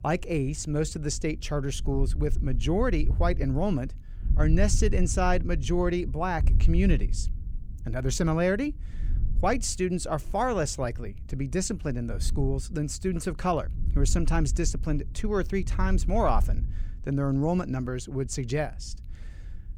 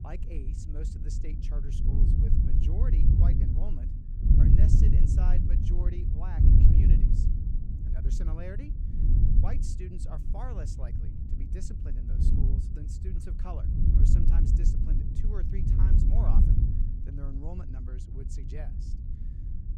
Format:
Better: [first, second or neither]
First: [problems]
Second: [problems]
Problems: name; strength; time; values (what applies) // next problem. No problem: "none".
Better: first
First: wind noise on the microphone; occasional gusts; 20 dB below the speech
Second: wind noise on the microphone; heavy; 4 dB above the speech